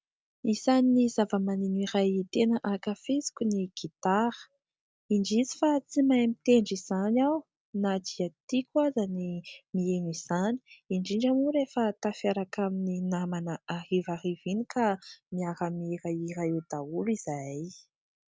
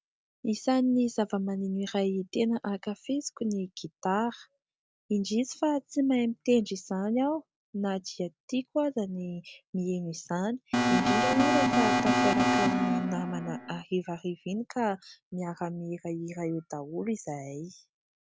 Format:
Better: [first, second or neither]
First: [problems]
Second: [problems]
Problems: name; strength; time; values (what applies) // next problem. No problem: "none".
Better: first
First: none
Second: background sound (Alarm); 5 dB above the speech